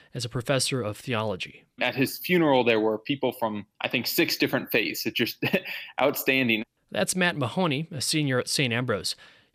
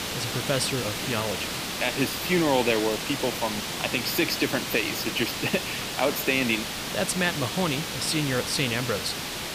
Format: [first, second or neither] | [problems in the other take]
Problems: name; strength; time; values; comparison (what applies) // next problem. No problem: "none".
first | hiss; loud; throughout; 3 dB below the speech